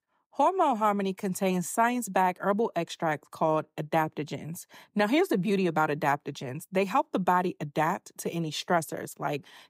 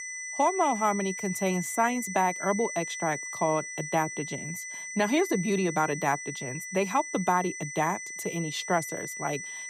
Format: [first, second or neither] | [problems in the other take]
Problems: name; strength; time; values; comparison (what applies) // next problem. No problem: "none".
first | high-pitched whine; loud; throughout; 2 kHz, 7 dB below the speech